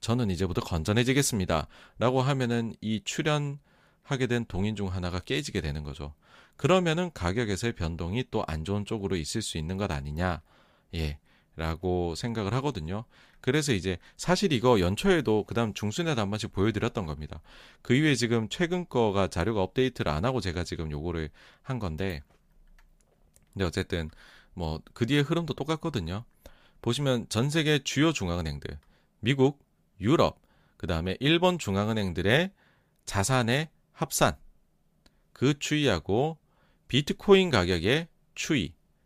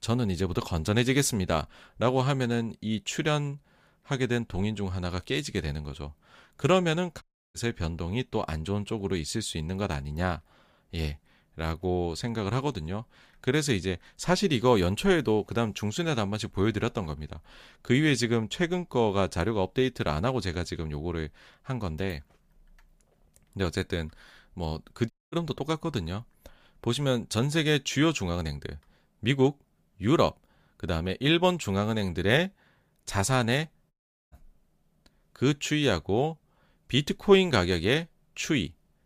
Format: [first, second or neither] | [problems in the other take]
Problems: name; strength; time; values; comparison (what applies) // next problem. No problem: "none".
first | audio cutting out; at 7 s, at 25 s and at 34 s